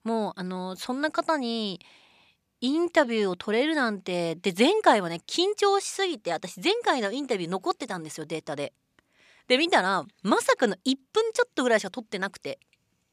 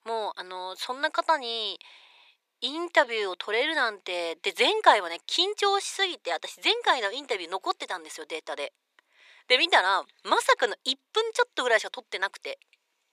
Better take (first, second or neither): first